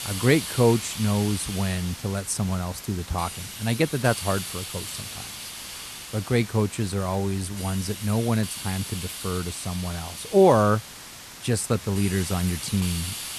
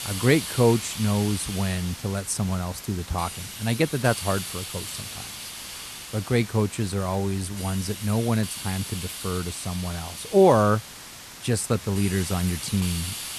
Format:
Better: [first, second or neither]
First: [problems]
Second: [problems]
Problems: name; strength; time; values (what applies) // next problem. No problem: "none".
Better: neither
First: hiss; loud; throughout; 9 dB below the speech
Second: hiss; loud; throughout; 9 dB below the speech